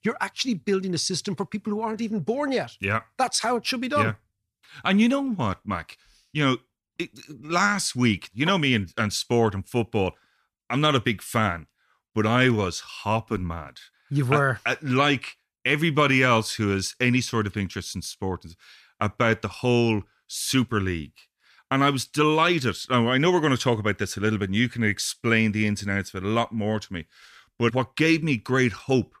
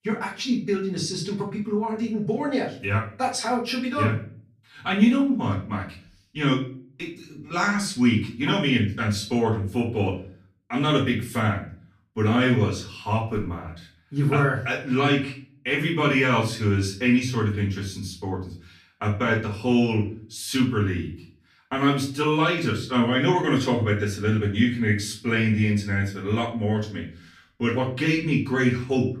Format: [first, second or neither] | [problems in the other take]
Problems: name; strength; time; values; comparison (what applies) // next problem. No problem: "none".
first | off-mic speech; far // room echo; slight; dies away in 0.4 s